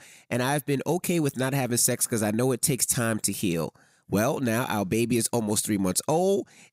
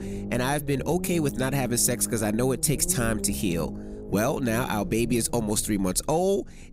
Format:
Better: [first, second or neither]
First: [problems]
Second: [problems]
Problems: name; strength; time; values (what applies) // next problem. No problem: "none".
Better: first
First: none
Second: low rumble; noticeable; throughout; 15 dB below the speech